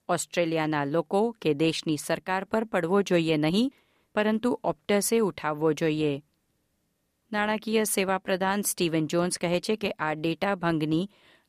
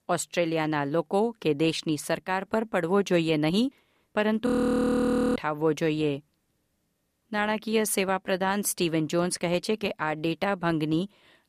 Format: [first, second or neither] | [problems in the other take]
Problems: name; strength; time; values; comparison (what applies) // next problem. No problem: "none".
first | audio freezing; at 4.5 s for 1 s